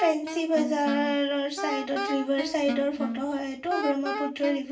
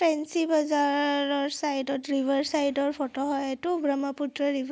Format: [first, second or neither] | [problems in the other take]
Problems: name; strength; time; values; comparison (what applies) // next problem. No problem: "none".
second | background sound (Wind instrument, woodwind instrument); 7 dB below the speech // room echo; dies away in 0.3 s